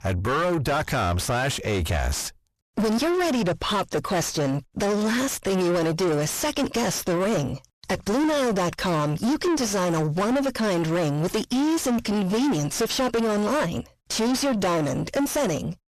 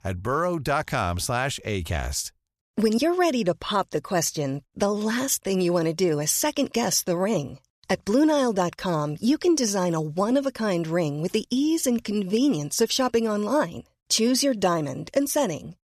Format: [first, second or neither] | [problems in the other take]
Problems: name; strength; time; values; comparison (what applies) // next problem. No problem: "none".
second | distortion; heavy; 4 dB below the speech